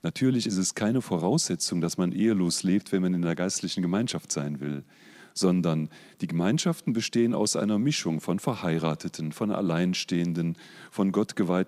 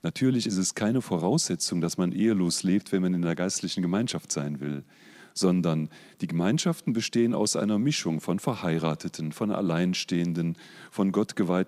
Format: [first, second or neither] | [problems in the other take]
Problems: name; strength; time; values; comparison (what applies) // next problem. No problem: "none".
neither | none